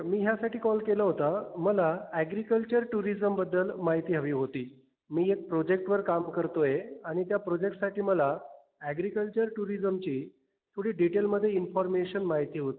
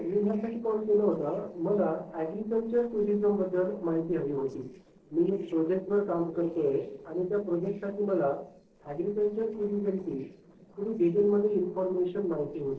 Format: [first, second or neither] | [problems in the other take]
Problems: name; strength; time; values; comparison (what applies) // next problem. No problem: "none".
first | noise reduction (neural separator model SepFormer DNS4)